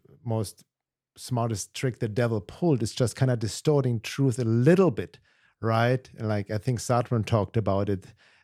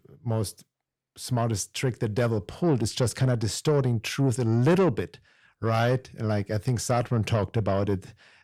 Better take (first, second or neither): first